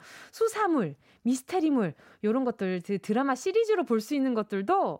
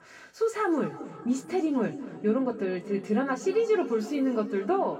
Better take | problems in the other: first | room echo; slight; dies away in 2.3 s // off-mic speech; far

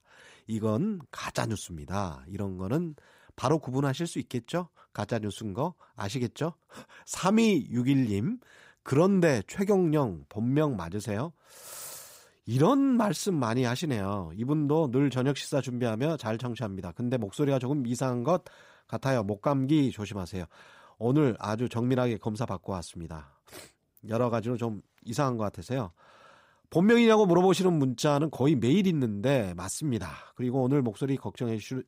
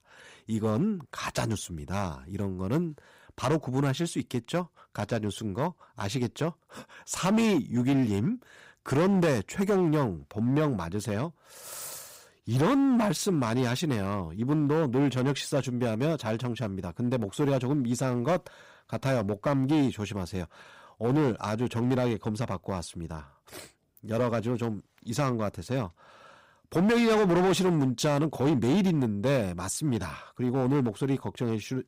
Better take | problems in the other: first | distortion; slight; 8% of the sound clipped

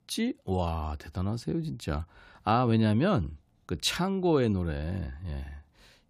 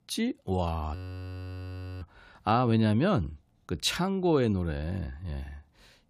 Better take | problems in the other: first | audio freezing; at 1 s for 1 s

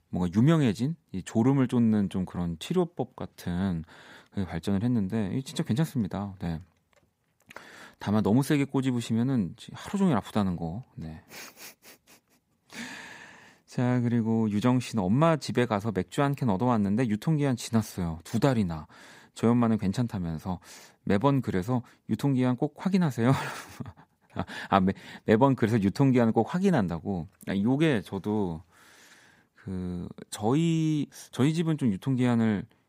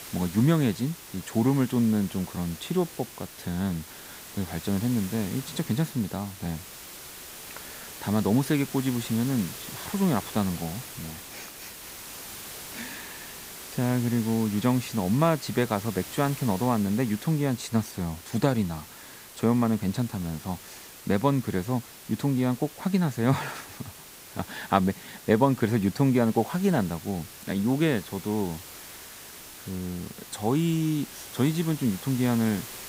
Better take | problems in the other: first | hiss; noticeable; throughout; 15 dB below the speech

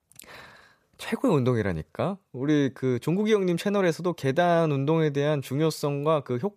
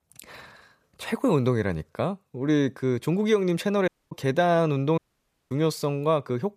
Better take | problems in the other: first | audio cutting out; at 4 s and at 5 s for 0.5 s

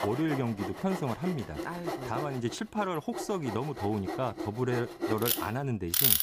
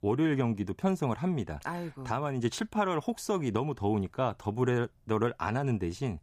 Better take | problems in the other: second | machinery noise; loud; throughout; 1 dB below the speech

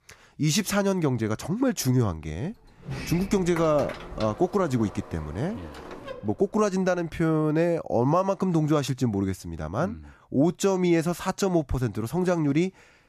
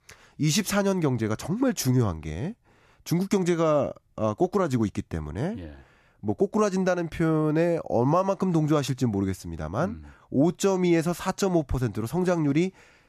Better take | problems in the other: second | door banging; noticeable; from 3 to 6.5 s; peak 9 dB below the speech

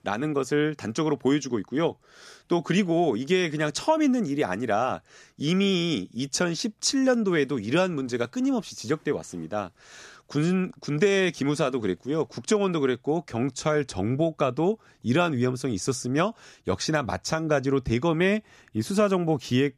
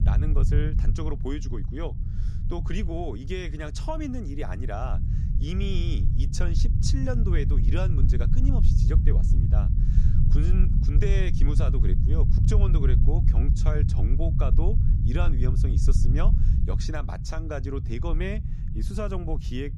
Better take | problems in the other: first | low rumble; loud; throughout; 4 dB below the speech

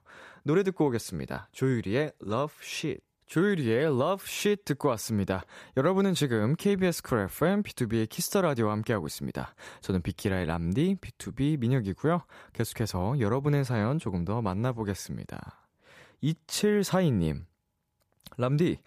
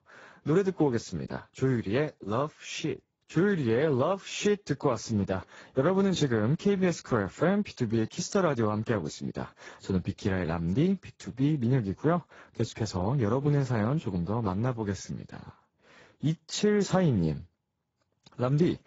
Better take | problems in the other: first | garbled, watery; badly; nothing above 7.5 kHz

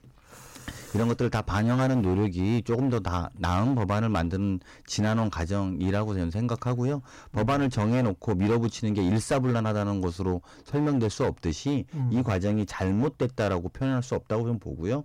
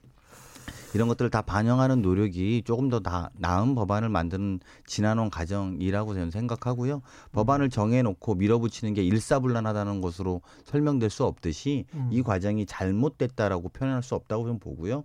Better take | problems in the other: second | distortion; slight; 10% of the sound clipped

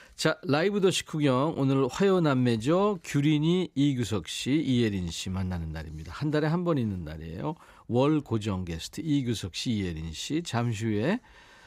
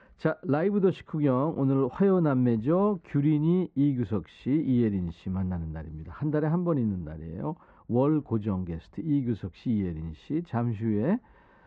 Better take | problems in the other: first | muffled; very; fading above 1 kHz

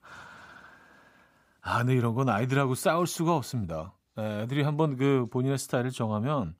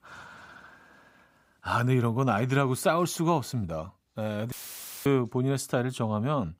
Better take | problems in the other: first | audio cutting out; filled with static; at 4.5 s for 0.5 s

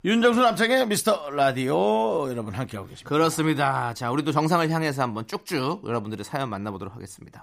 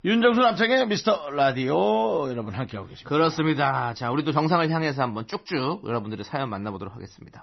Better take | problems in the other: first | garbled, watery; slightly; nothing above 6 kHz

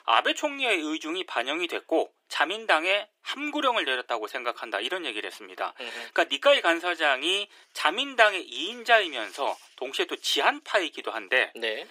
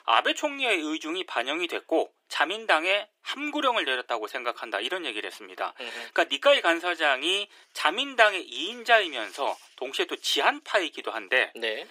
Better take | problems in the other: neither | thin; very; fading below 350 Hz; the same in both

